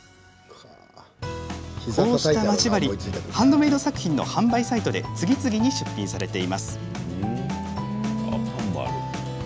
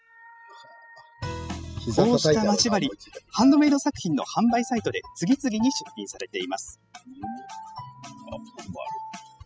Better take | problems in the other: first | noise reduction (classical method spectral subtraction)

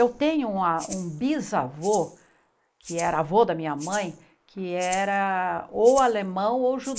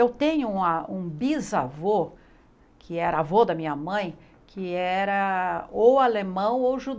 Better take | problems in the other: second | noise reduction (neural mask model Resemble Enhance denoiser)

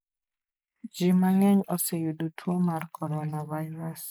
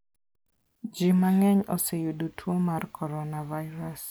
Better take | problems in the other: second | noise reduction (neural mask model Resemble Enhance denoiser)

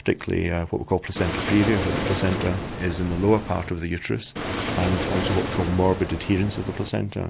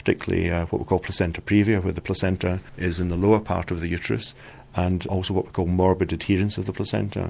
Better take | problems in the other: second | background sound (Waves, surf); 4 dB below the speech

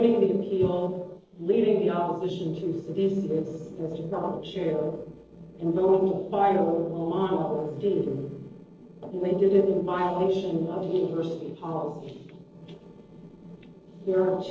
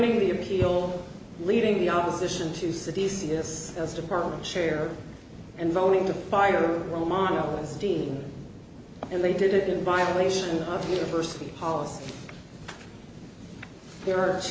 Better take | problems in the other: second | noise reduction (neural separator model SepFormer DNS4)

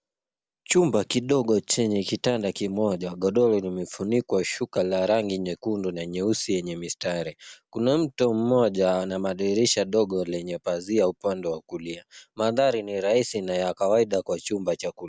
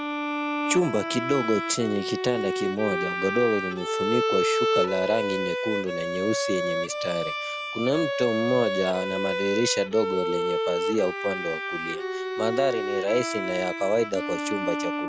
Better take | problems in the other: first | background sound (Bowed string instrument); 1 dB below the speech

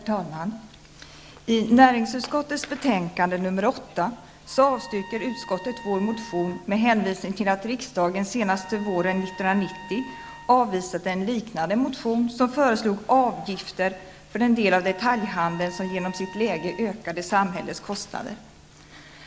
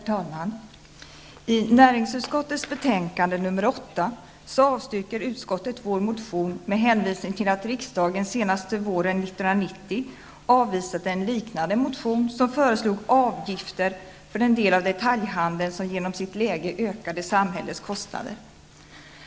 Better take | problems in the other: second | background sound (Trumpet); 19 dB below the speech

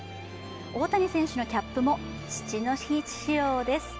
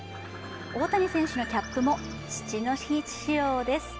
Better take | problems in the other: first | background sound (Bird); 15 dB below the speech

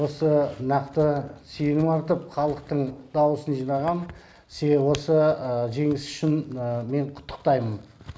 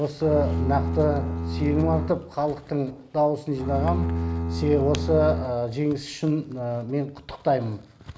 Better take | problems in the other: first | background sound (Bowed string instrument); 2 dB below the speech

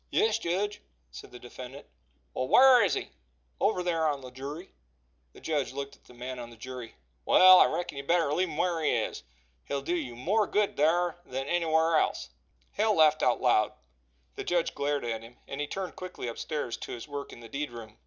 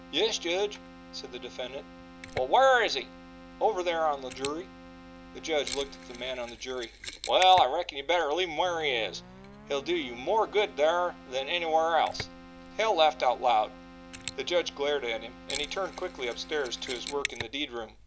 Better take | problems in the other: first | background sound (Mechanisms + Keyboard (musical)); 15 dB below the speech

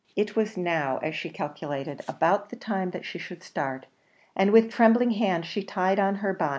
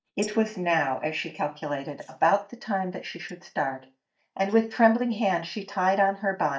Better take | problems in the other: first | noise reduction (neural mask model DeepFilterNet 3)

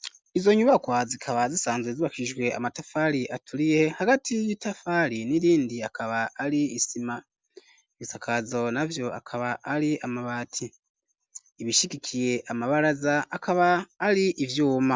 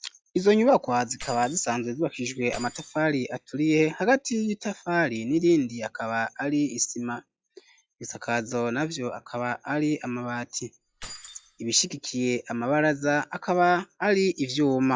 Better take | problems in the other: first | noise reduction (classical method log-MMSE)

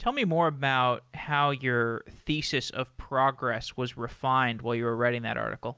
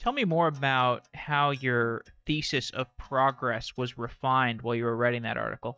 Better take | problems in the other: first | noise reduction (neural mask model DeepFilterNet 3)

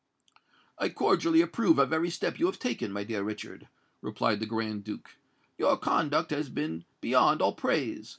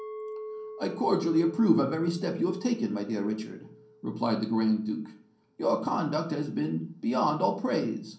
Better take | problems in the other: first | background sound (Chink, clink); 17 dB below the speech // room echo; dies away in 0.6 s

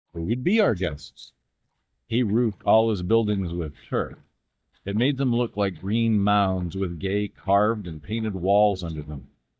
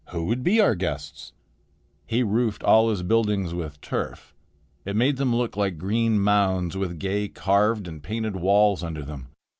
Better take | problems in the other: second | noise reduction (neural mask model DeepFilterNet 3)

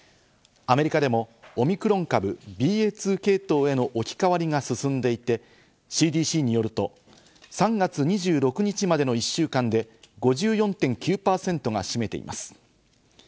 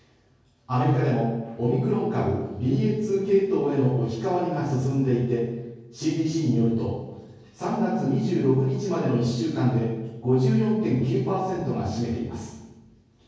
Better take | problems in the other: first | room echo; dies away in 1.3 s

